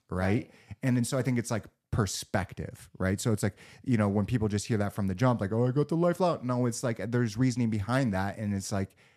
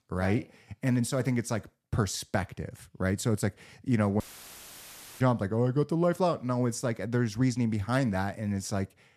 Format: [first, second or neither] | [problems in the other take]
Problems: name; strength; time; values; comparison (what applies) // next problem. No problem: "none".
first | audio cutting out; filled with static; at 4 s for 1 s